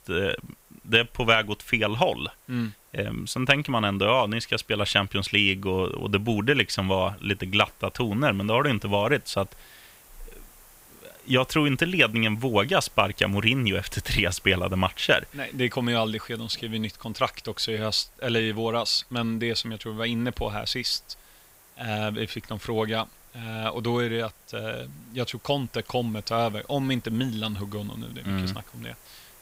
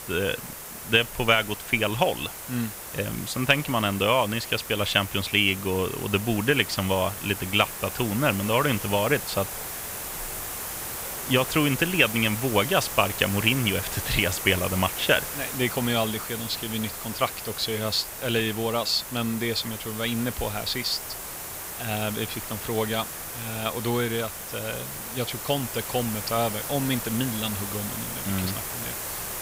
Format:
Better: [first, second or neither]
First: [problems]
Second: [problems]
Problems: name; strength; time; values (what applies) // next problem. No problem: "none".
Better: first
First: hiss; faint; throughout; 25 dB below the speech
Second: hiss; loud; throughout; 7 dB below the speech